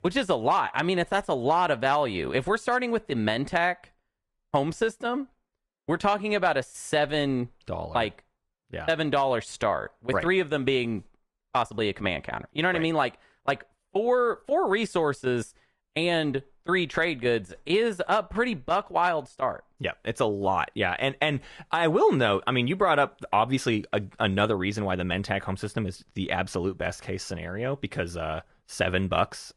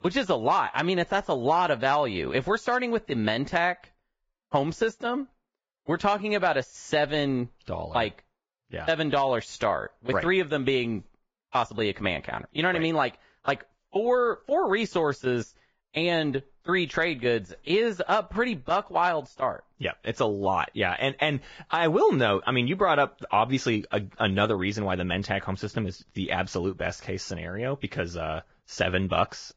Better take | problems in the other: first | garbled, watery; badly; nothing above 7.5 kHz; slightly in the first

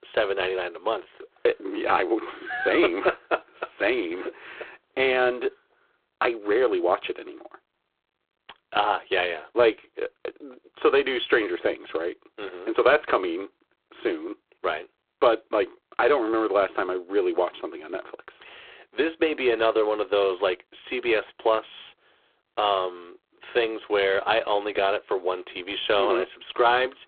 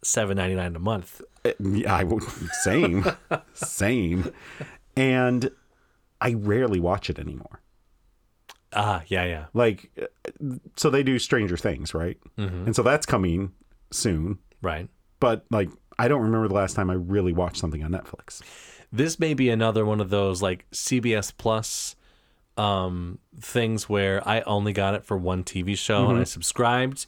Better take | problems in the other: second | phone-call audio; poor line

